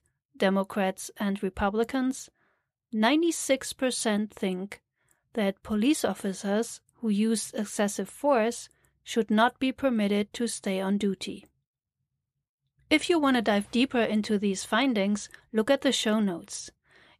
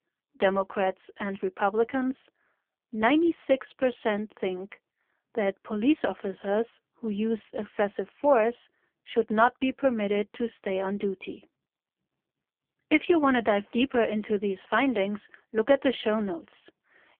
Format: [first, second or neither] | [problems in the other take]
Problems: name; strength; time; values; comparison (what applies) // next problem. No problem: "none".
first | phone-call audio; poor line; nothing above 3.5 kHz